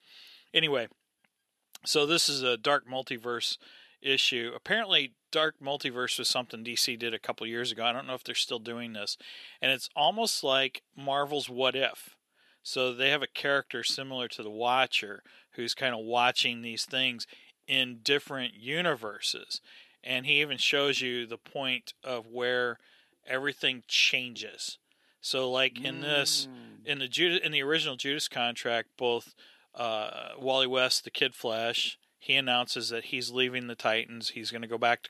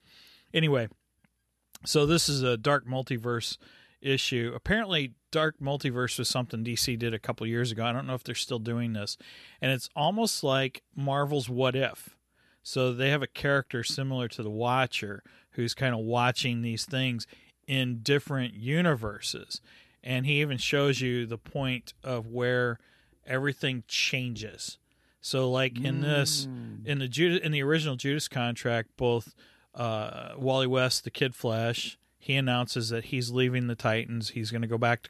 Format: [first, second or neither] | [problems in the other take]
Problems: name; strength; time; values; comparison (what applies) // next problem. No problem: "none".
second | thin; somewhat; fading below 300 Hz